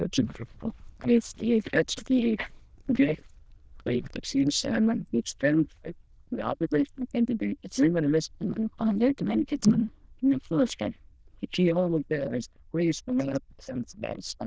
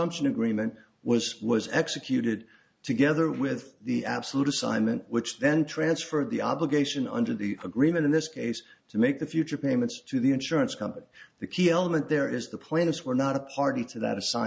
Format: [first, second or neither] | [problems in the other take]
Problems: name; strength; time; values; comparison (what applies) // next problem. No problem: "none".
second | noise reduction (neural diffusion model UNIVERSE++)